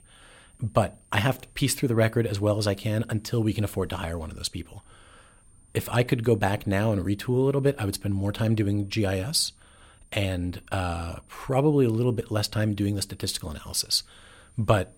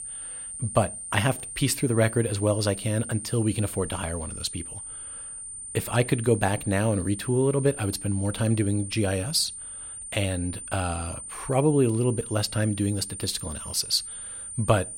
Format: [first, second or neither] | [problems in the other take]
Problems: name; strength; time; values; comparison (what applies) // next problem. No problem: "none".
first | high-pitched whine; loud; throughout; 9 kHz, 9 dB below the speech; faint in the first